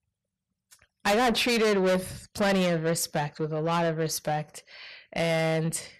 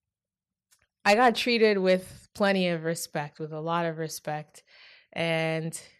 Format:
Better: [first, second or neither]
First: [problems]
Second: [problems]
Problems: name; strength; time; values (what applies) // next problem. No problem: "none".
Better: second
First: distortion; heavy; 6 dB below the speech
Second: none